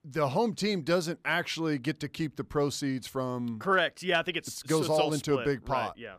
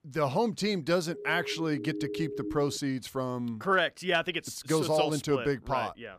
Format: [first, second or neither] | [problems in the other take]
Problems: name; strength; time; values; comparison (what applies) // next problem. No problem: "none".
first | siren; noticeable; from 1 to 3 s; peak 7 dB below the speech